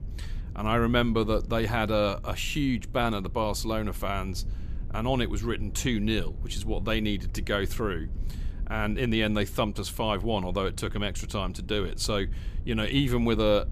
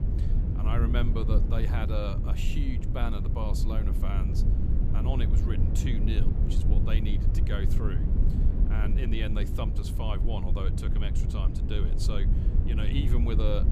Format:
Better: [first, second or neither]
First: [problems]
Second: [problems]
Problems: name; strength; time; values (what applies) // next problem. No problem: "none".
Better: first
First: low rumble; faint; throughout; 25 dB below the speech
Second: low rumble; loud; throughout; 4 dB below the speech